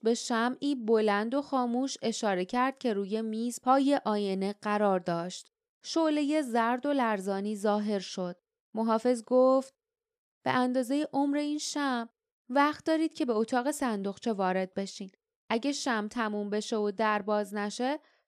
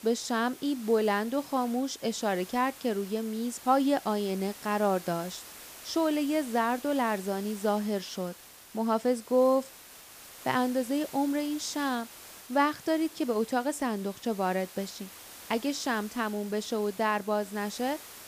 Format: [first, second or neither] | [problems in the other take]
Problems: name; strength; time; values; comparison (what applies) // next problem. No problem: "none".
first | hiss; noticeable; throughout; 15 dB below the speech